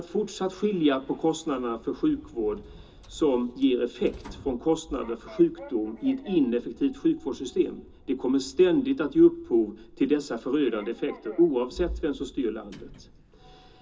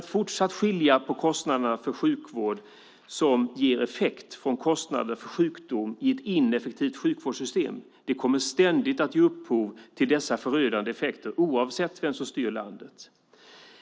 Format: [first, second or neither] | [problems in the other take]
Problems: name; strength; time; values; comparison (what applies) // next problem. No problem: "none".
second | background sound (Sliding door); 20 dB below the speech // room echo; dies away in 0.2 s